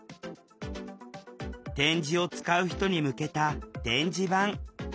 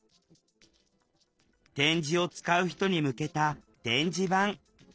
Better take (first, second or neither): first